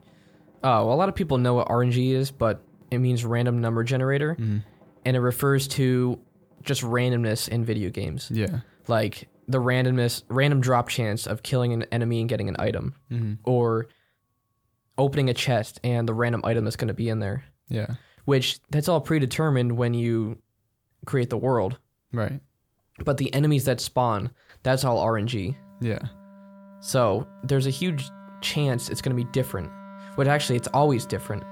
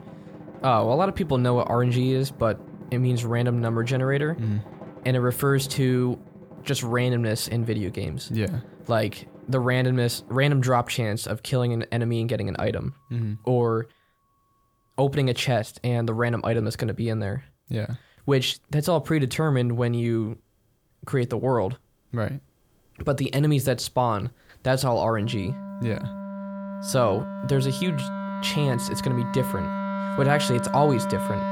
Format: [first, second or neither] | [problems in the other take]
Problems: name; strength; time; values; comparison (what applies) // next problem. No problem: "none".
first | background music; loud; throughout; 10 dB below the speech; faint in the first